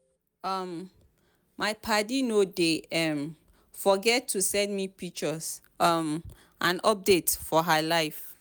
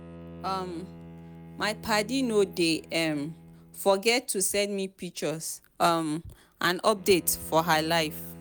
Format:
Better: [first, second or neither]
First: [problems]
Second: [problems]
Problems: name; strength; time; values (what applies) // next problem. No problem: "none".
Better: first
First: none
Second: background sound (Bowed string instrument); 18 dB below the speech